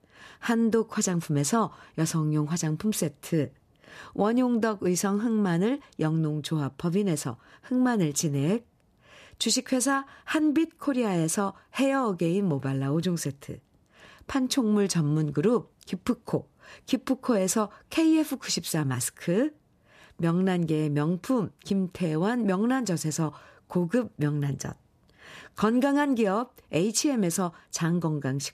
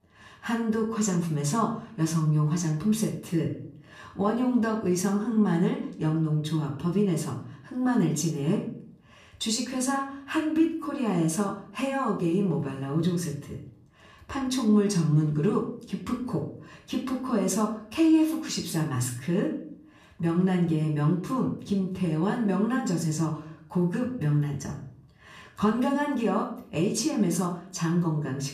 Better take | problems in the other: first | off-mic speech; far // room echo; slight; dies away in 0.5 s

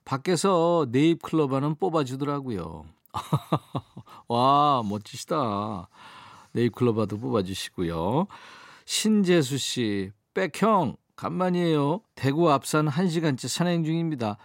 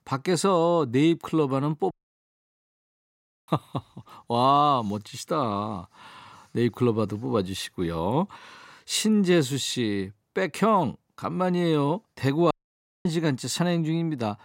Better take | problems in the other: first | audio cutting out; at 2 s for 1.5 s and at 13 s for 0.5 s

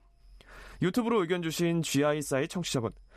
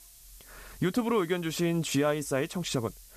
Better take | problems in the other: first | hiss; faint; throughout; 20 dB below the speech

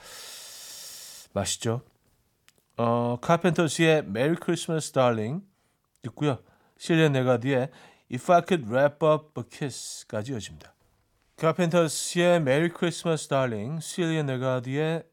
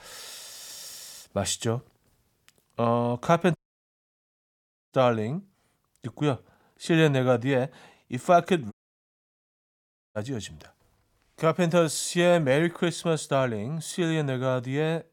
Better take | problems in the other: first | audio cutting out; at 3.5 s for 1.5 s and at 8.5 s for 1.5 s

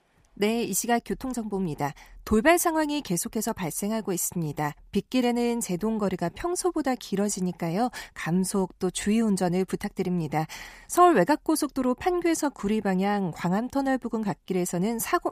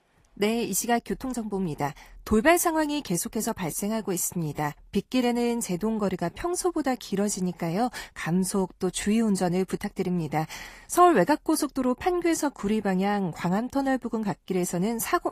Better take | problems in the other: first | garbled, watery; slightly; nothing above 15 kHz

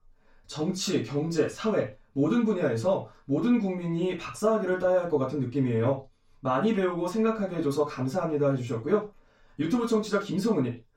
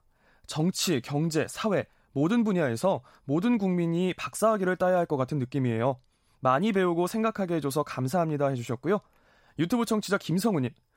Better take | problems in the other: second | room echo; slight; dies away in 0.2 s // off-mic speech; far

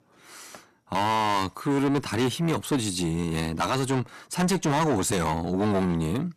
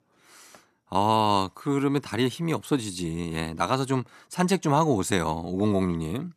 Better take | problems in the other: second | distortion; heavy; 6 dB below the speech

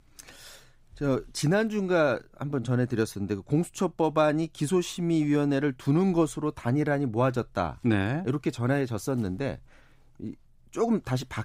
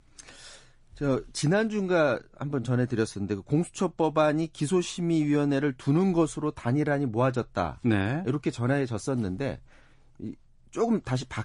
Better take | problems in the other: first | garbled, watery; slightly; nothing above 10.5 kHz

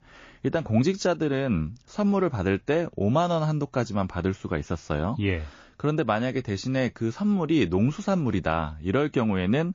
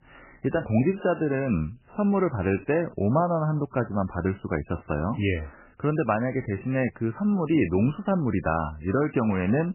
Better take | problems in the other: first | garbled, watery; badly; nothing above 3 kHz; slightly in the first

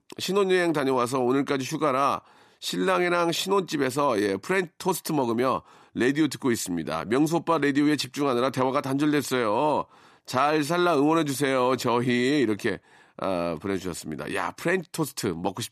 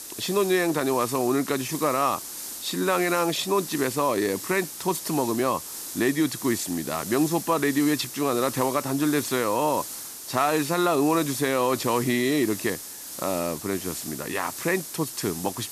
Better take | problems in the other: first | hiss; loud; throughout; 9 dB below the speech

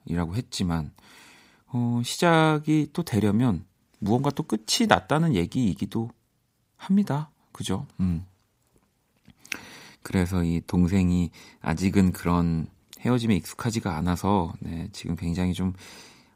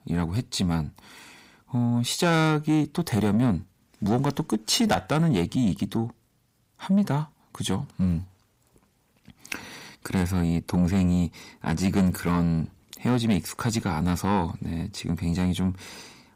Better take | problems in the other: first | distortion; slight; 10 dB below the speech

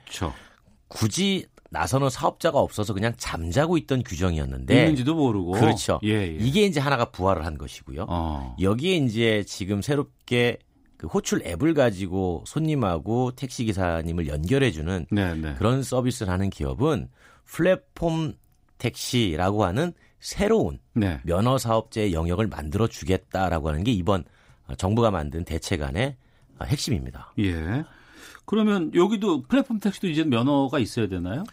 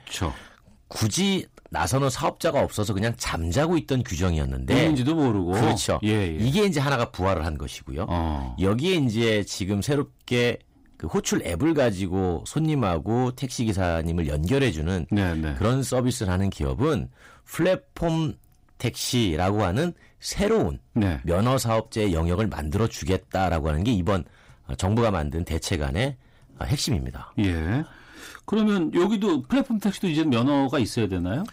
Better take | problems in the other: first | distortion; slight; 10 dB below the speech

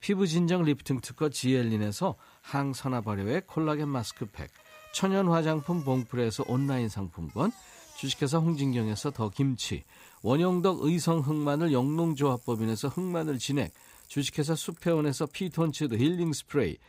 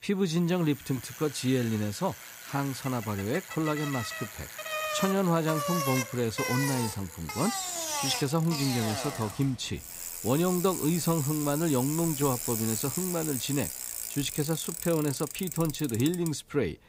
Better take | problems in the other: first | traffic noise; loud; throughout; 4 dB below the speech; faint in the first

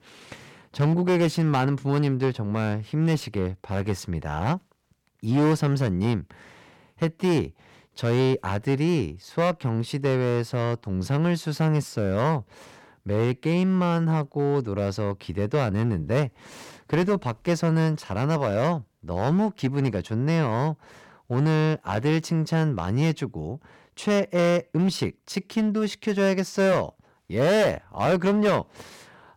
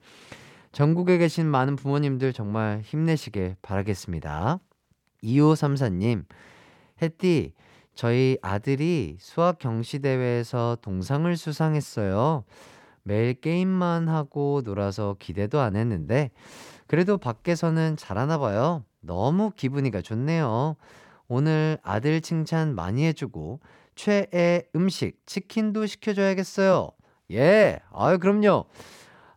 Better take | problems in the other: second | distortion; slight; 8% of the sound clipped

